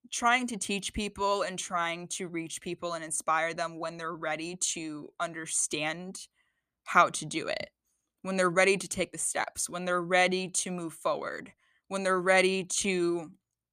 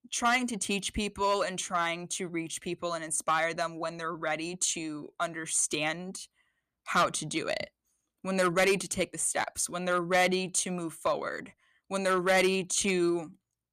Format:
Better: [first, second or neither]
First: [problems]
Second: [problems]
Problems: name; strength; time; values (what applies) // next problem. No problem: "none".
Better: first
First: none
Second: distortion; slight; 2% of the sound clipped